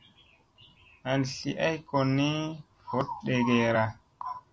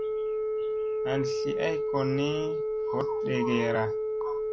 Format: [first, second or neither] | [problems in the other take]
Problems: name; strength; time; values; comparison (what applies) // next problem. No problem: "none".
first | background sound (Telephone); 4 dB above the speech